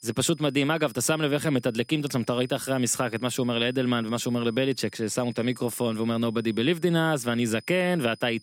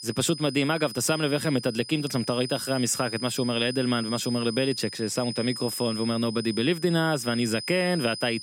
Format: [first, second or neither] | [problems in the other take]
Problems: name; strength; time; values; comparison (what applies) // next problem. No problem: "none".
first | high-pitched whine; loud; throughout; 5 kHz, 9 dB below the speech; faint in the first